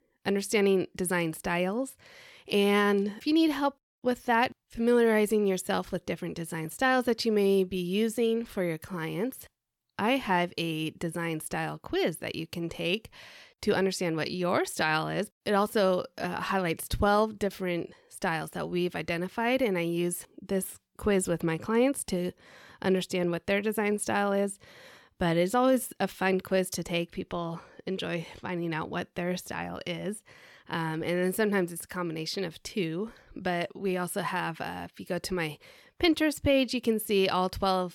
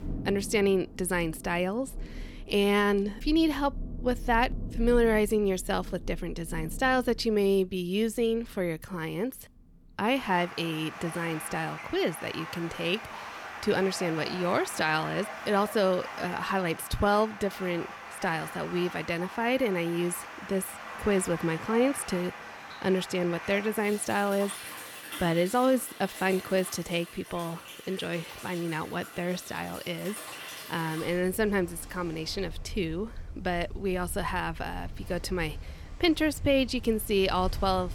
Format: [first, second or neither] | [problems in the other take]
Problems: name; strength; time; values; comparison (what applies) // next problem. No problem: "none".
first | rain or running water; noticeable; throughout; 10 dB below the speech